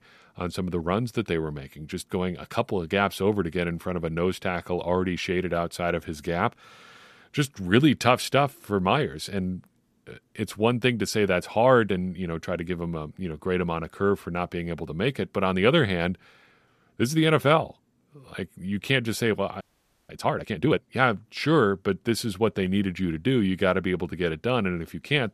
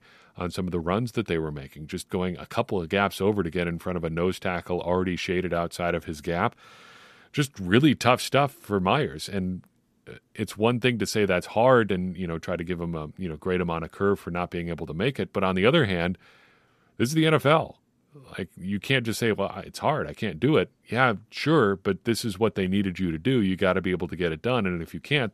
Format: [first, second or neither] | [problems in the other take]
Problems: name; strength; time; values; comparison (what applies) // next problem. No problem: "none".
second | audio freezing; at 20 s